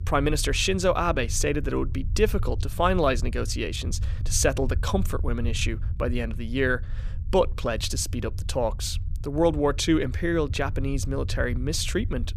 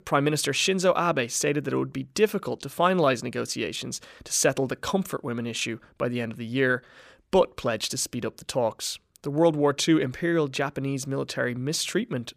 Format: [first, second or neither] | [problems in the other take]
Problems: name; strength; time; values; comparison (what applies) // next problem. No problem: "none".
second | low rumble; faint; throughout; 20 dB below the speech